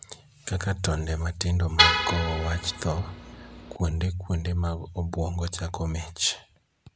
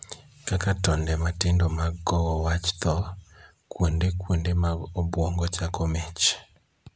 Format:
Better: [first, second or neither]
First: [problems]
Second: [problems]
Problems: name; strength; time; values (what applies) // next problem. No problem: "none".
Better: second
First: background sound (Vehicle horn, car horn, honking); 2 dB above the speech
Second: none